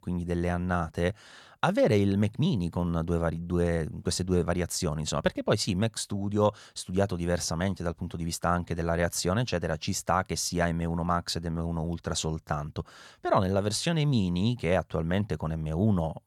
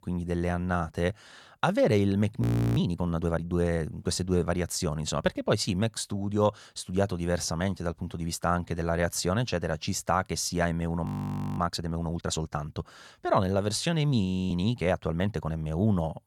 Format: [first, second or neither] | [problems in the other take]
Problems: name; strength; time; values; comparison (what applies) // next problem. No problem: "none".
first | audio freezing; at 2.5 s, at 11 s for 0.5 s and at 14 s